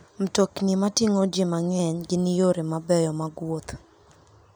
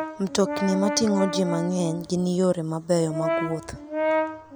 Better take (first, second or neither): first